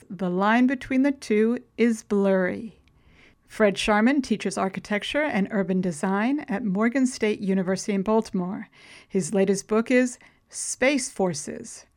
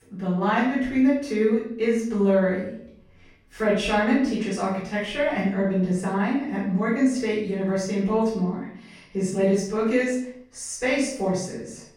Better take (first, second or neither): first